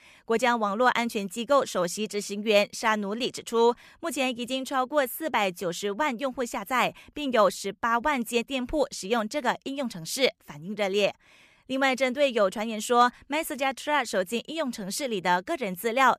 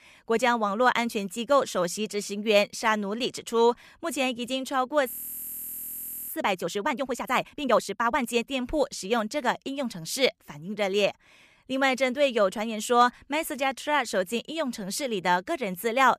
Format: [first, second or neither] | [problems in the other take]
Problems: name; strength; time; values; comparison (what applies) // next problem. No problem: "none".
first | audio freezing; at 5 s for 1 s